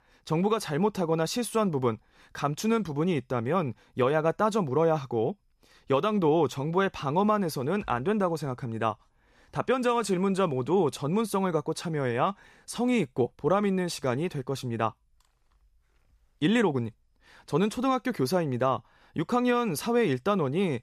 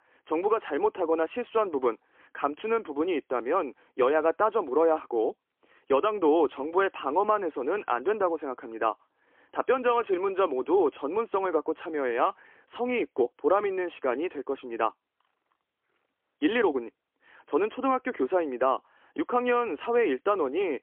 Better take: first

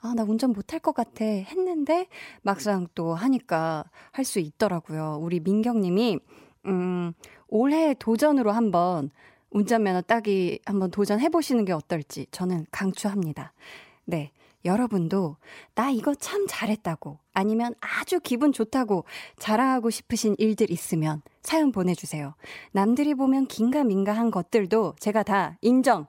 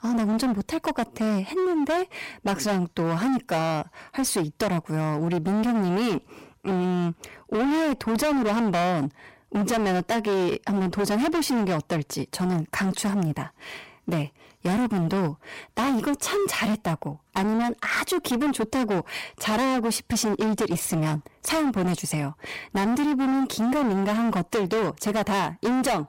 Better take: first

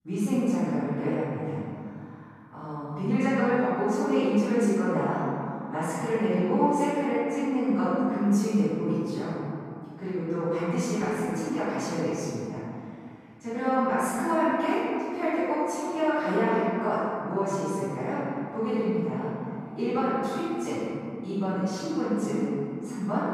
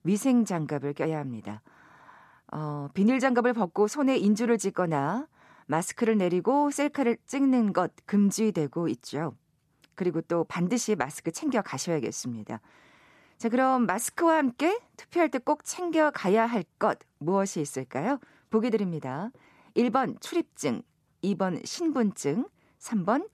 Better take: second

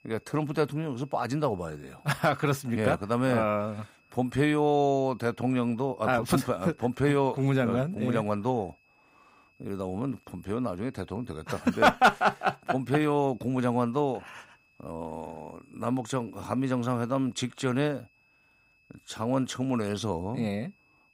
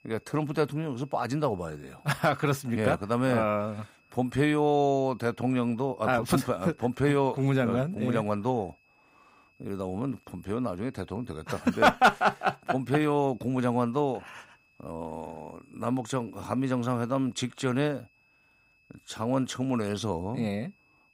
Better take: neither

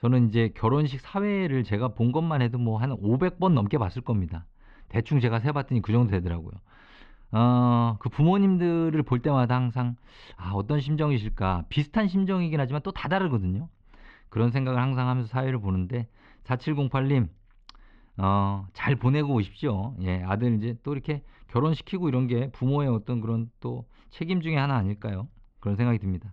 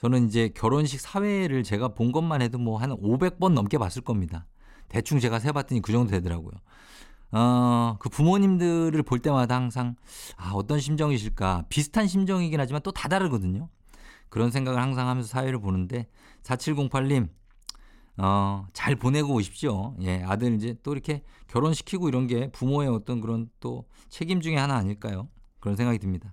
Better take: second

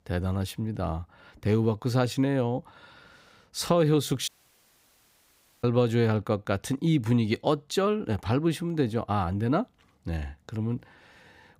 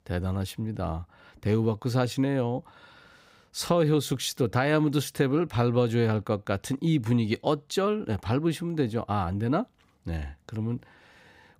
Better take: second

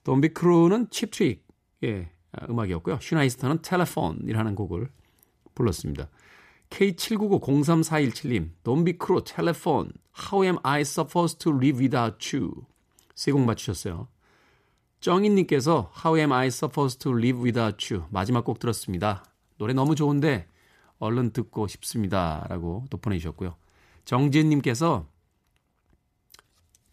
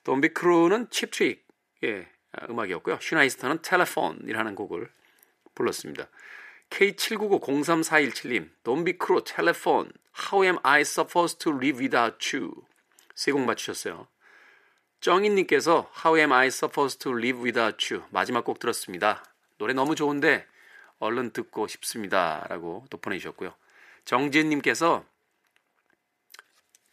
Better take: first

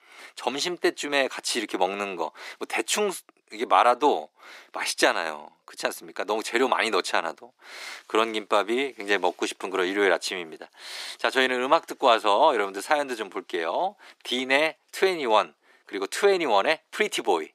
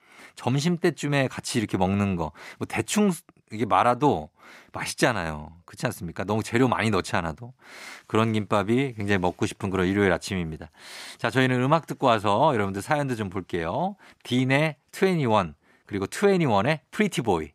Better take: second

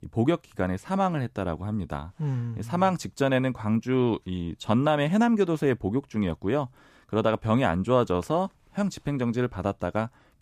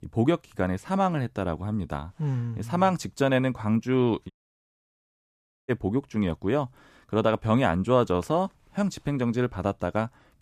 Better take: first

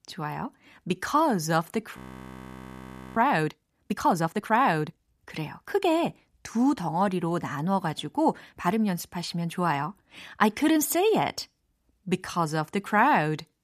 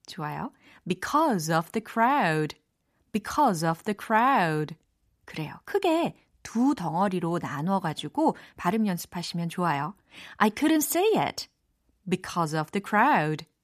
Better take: second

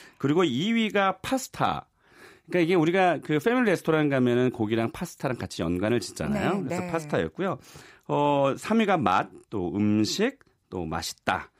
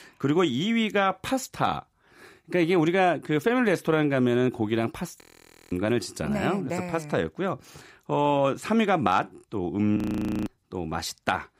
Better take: first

